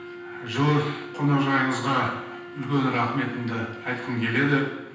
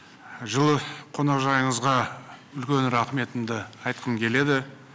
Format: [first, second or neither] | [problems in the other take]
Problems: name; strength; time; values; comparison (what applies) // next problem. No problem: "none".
second | background sound (Wind instrument, woodwind instrument); 14 dB below the speech // room echo; dies away in 0.9 s